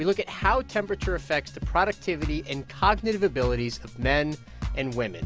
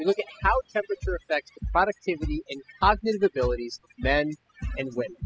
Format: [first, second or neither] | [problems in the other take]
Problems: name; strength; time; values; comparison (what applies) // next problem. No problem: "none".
first | noise reduction (classical method spectral subtraction)